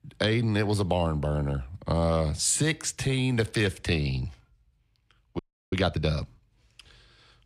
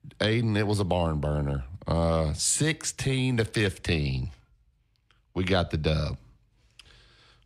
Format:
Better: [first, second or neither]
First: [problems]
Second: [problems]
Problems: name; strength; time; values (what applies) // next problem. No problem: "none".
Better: second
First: audio freezing; at 5.5 s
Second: none